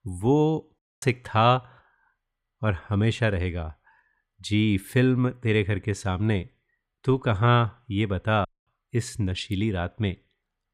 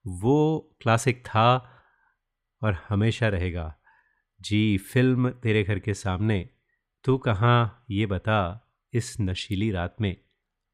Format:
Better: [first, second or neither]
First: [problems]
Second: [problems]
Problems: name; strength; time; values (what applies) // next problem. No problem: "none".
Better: second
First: audio cutting out; at 1 s and at 8.5 s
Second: none